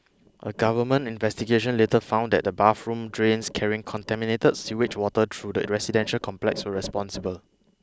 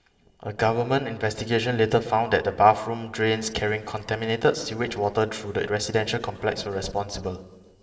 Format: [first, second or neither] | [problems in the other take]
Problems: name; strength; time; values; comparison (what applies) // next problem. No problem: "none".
first | room echo; dies away in 1.9 s